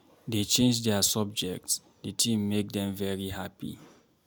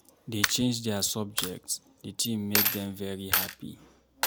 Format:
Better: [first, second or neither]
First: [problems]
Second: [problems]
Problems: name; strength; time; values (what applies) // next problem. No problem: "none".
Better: first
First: none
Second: background sound (Coin (dropping)); 1 dB below the speech